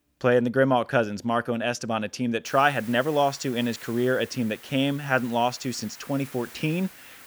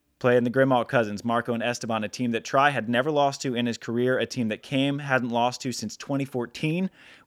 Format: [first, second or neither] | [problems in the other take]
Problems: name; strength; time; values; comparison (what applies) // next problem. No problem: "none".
second | hiss; noticeable; from 2.5 s on; 20 dB below the speech